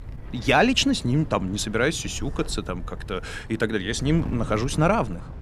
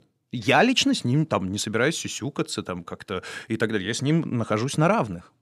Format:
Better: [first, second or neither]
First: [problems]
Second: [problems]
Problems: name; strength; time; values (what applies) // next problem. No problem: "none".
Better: second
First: wind noise on the microphone; occasional gusts; 20 dB below the speech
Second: none